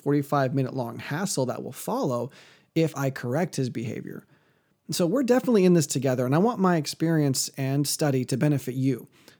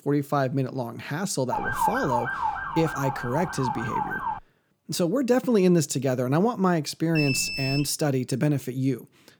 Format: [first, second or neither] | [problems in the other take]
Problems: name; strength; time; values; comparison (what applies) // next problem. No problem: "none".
first | siren; loud; from 1.5 to 4.5 s; peak level with the speech // alarm; noticeable; at 7 s; peak 1 dB below the speech